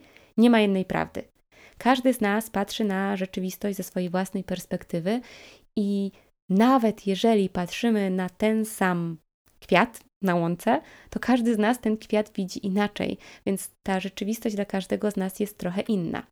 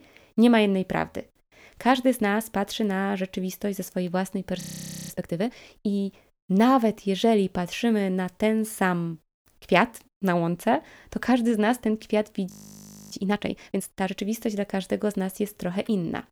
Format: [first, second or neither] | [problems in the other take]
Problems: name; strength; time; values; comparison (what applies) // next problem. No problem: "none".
first | audio freezing; at 4.5 s and at 13 s for 0.5 s